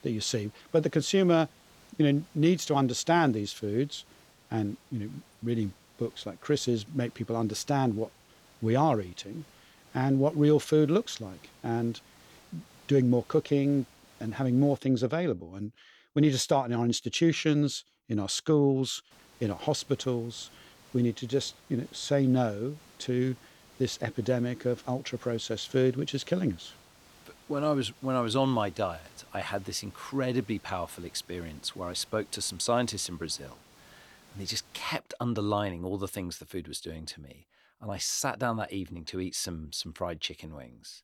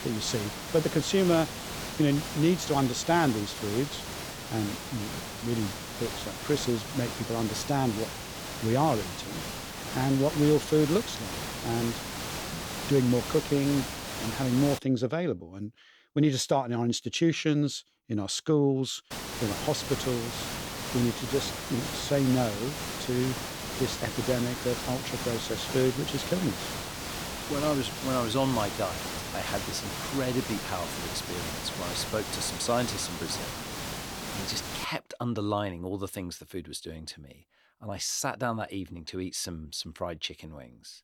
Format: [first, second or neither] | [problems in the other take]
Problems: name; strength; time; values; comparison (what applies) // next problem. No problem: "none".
first | hiss; loud; until 15 s and from 19 to 35 s; 5 dB below the speech; faint in the first